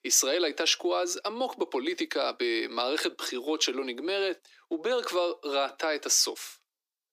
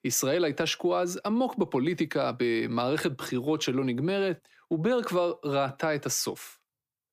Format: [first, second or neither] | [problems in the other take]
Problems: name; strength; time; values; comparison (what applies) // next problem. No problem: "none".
second | thin; somewhat; fading below 300 Hz